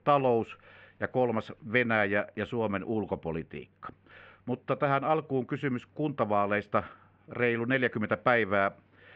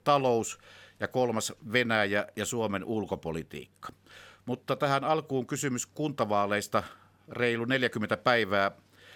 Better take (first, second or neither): second